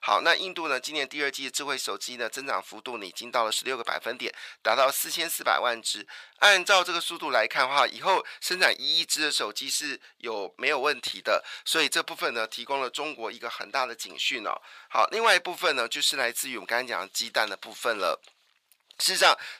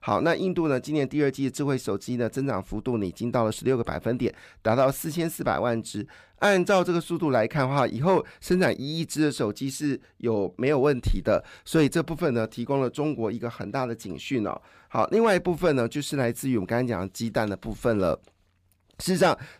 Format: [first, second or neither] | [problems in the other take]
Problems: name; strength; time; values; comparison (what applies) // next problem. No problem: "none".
second | thin; very; fading below 950 Hz